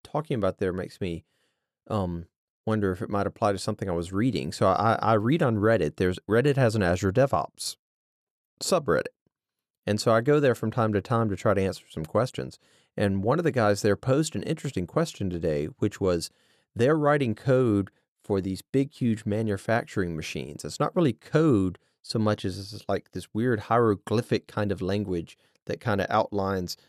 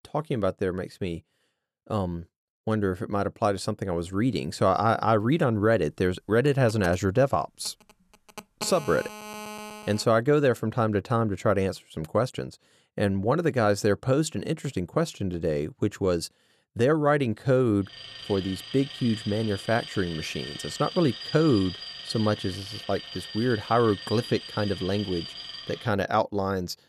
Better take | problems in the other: first | phone ringing; faint; from 6.5 to 10 s; peak 10 dB below the speech // alarm; noticeable; from 18 to 26 s; peak 9 dB below the speech

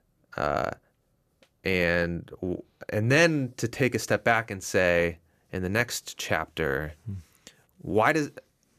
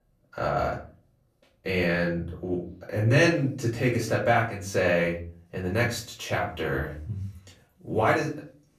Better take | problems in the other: first | off-mic speech; far // room echo; slight; dies away in 0.5 s

